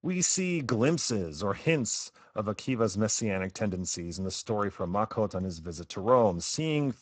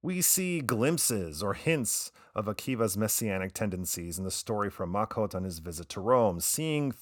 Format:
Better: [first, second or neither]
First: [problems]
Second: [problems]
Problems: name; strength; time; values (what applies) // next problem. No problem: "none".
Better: second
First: garbled, watery; badly; nothing above 7.5 kHz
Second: none